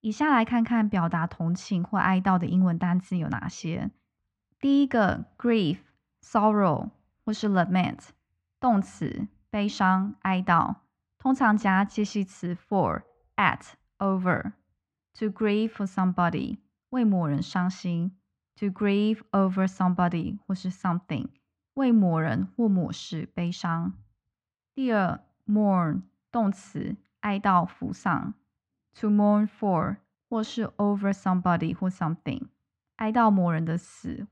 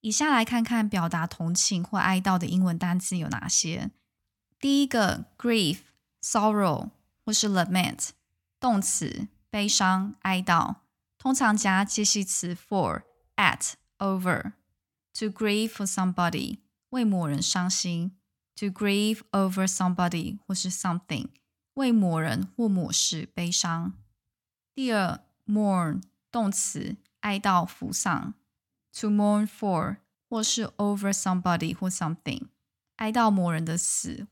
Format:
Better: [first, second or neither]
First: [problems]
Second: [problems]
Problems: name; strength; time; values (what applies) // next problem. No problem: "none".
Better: second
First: muffled; very; fading above 2 kHz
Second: none